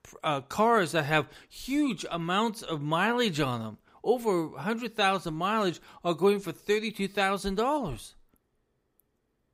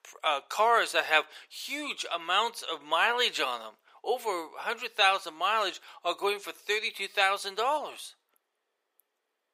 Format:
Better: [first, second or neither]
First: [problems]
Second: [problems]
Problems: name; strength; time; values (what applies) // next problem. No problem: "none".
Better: first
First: none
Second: thin; very; fading below 550 Hz